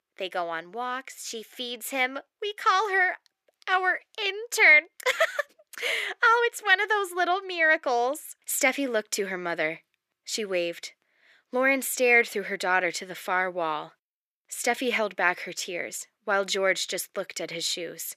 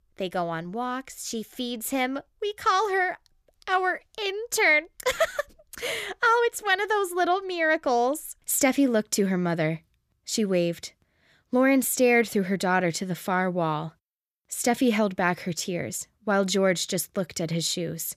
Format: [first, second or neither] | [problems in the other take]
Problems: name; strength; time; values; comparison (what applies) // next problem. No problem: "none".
second | thin; somewhat; fading below 400 Hz